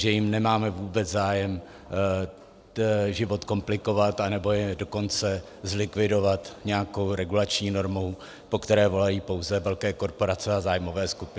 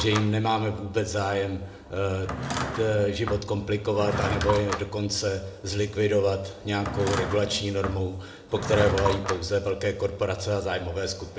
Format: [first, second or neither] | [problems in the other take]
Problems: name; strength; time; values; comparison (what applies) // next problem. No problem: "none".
first | background sound (Drawer open or close / Wood); 8 dB below the speech // room echo; dies away in 0.7 s